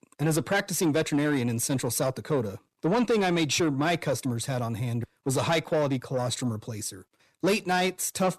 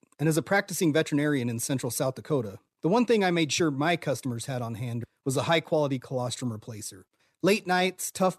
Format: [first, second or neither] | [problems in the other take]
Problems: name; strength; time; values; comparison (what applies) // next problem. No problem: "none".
second | distortion; slight; 10 dB below the speech